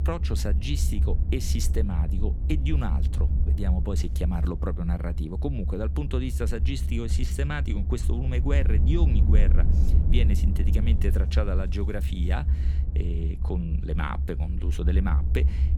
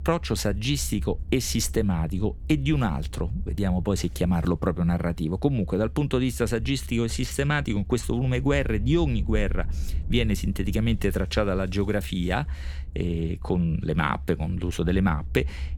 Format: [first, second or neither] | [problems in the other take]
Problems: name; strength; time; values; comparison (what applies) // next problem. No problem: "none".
second | low rumble; loud; throughout; 7 dB below the speech; faint in the second